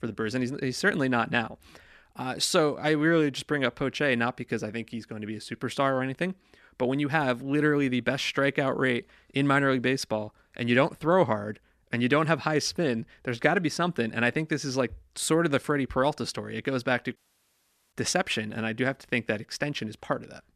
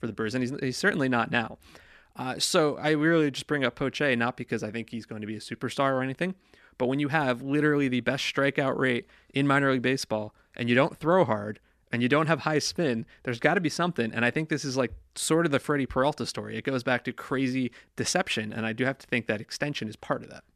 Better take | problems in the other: second | audio cutting out; at 17 s for 1 s

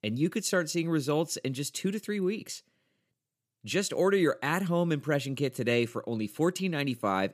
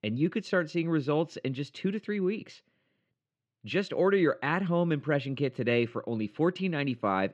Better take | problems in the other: first | muffled; slightly; fading above 3.5 kHz

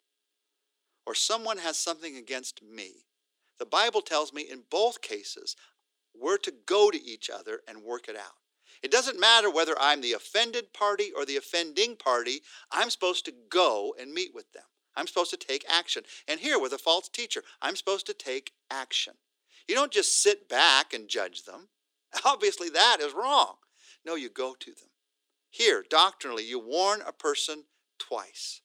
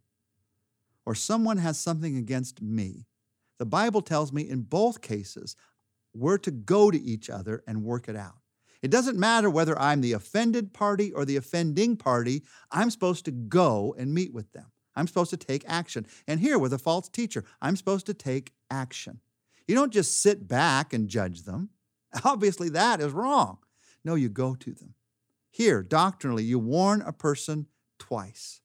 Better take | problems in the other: second | thin; very; fading below 350 Hz

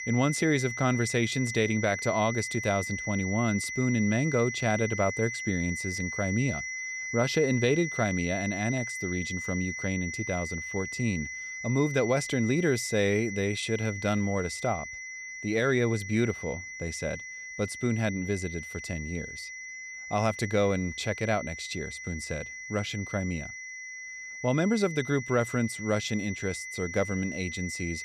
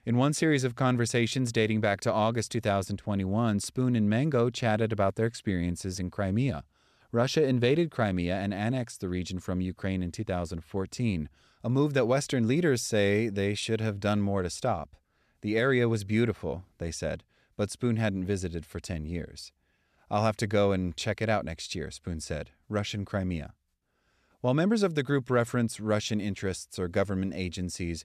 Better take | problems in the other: second | high-pitched whine; loud; throughout; 2 kHz, 6 dB below the speech

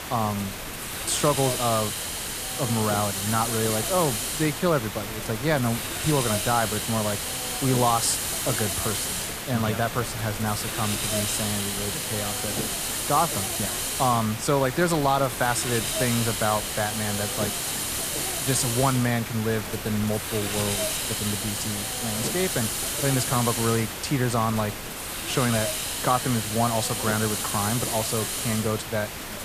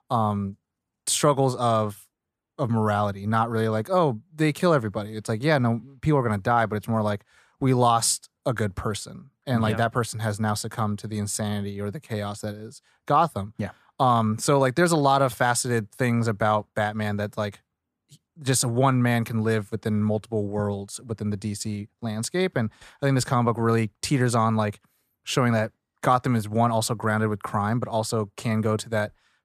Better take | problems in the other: second | hiss; loud; throughout; 1 dB below the speech

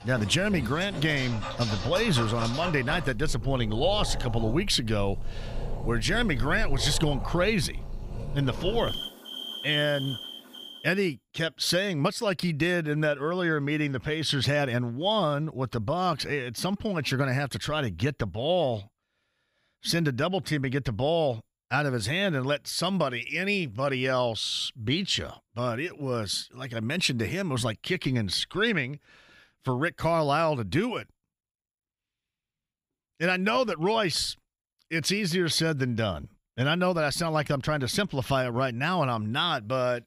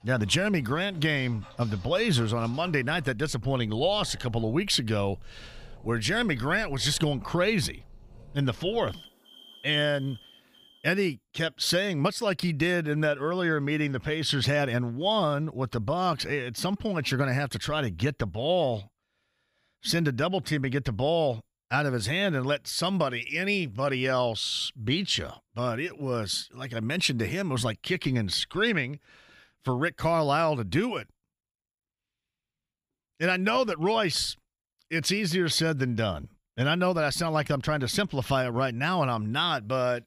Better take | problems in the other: second | animal sounds; loud; until 11 s; 9 dB below the speech; faint in the second

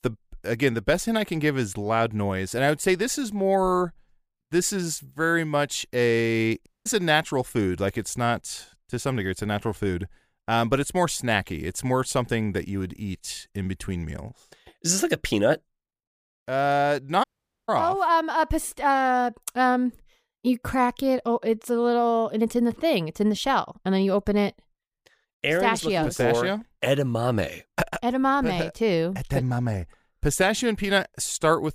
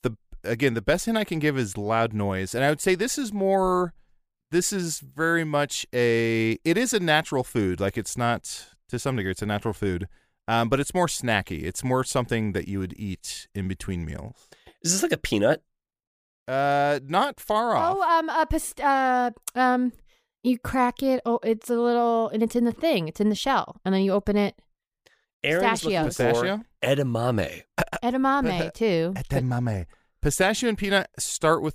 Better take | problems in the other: second | audio cutting out; at 6.5 s and at 17 s

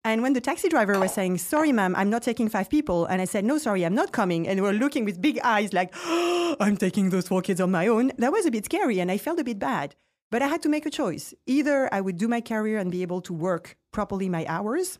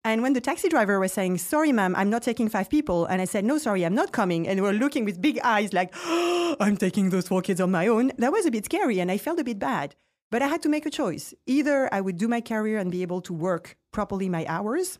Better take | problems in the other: second | clattering dishes; noticeable; at 1 s; peak 9 dB below the speech

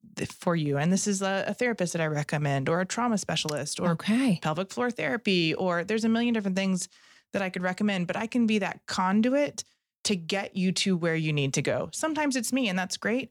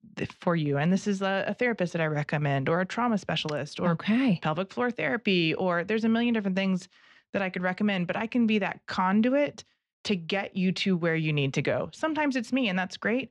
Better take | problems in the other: first | muffled; slightly; fading above 3 kHz

